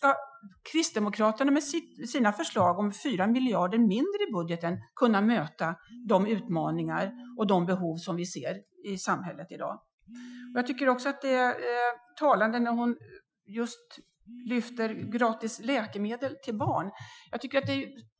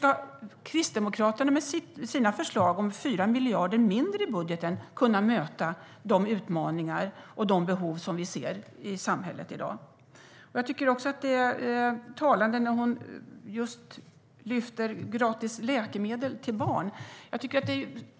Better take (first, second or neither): second